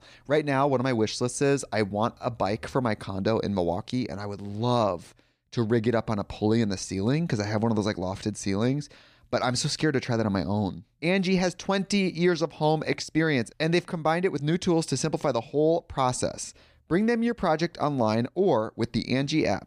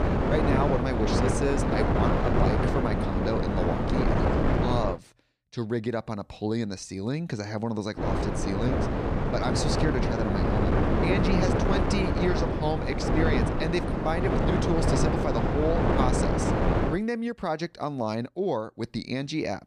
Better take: first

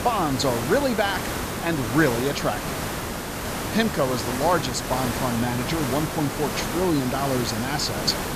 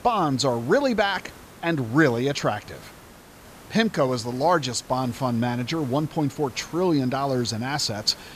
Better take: second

